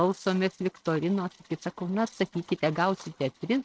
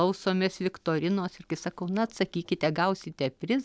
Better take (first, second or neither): second